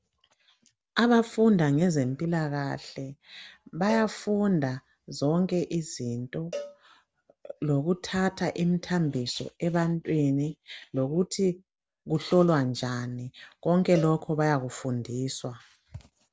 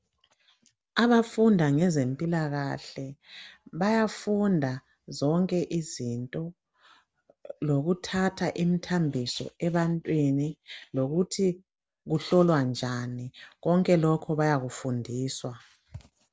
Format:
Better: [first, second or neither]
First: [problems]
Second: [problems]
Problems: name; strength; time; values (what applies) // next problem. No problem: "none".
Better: second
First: background sound (Cowbell); 17 dB below the speech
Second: none